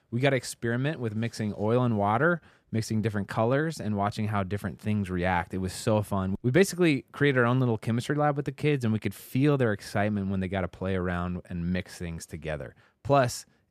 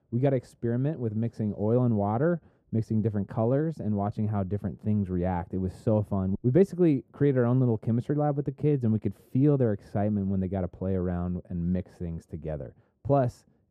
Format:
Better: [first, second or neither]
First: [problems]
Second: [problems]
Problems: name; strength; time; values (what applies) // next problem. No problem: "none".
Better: first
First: none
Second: muffled; very; fading above 1 kHz